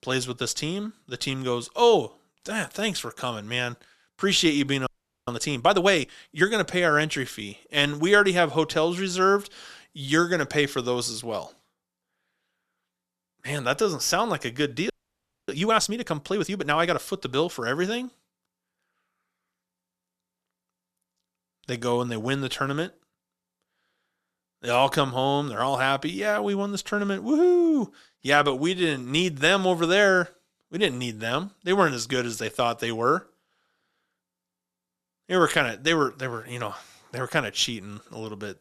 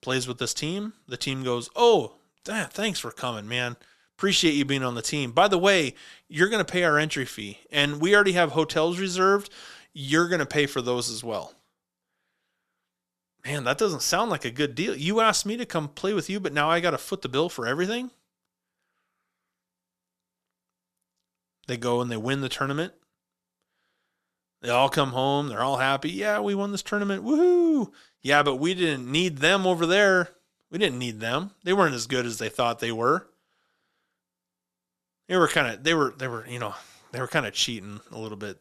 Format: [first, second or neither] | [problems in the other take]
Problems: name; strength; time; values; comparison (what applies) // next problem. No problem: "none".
second | audio freezing; at 5 s and at 15 s for 0.5 s